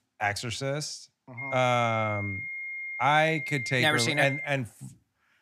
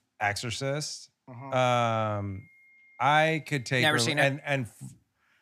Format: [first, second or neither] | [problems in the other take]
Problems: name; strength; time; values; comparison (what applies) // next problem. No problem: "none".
second | high-pitched whine; loud; from 1.5 to 4.5 s; 2 kHz, 7 dB below the speech; faint in the second